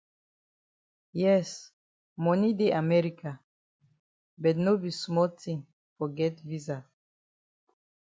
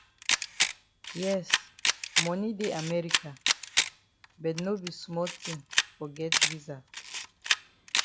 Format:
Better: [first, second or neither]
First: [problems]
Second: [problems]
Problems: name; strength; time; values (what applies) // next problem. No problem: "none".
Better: first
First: none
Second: background sound (Camera); 5 dB above the speech